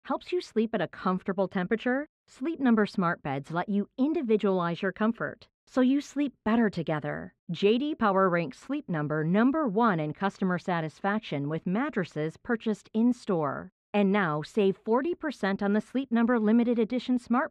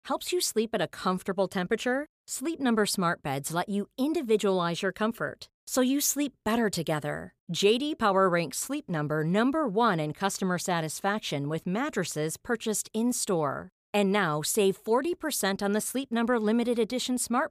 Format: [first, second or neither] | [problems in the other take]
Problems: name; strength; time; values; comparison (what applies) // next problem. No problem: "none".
second | muffled; very; fading above 2 kHz